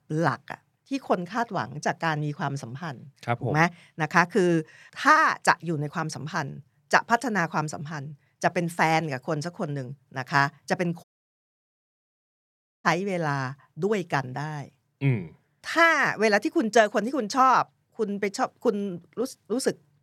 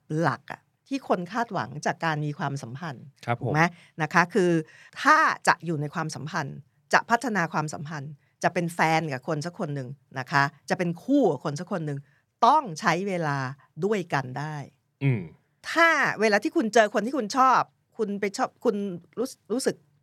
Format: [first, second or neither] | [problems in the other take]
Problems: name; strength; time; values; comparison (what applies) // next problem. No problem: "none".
second | audio cutting out; at 11 s for 2 s